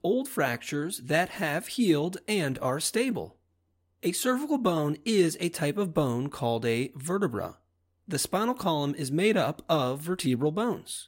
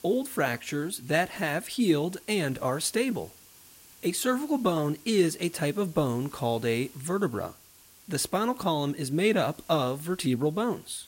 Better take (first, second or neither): first